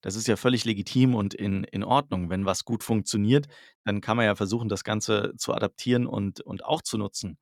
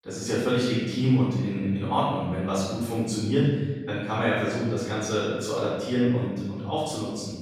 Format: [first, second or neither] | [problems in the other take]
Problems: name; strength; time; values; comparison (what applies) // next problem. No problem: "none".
first | off-mic speech; far // room echo; strong; dies away in 1.3 s